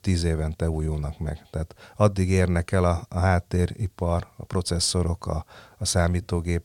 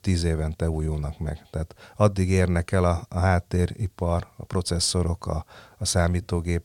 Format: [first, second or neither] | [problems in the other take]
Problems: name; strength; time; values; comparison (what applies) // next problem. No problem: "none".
neither | none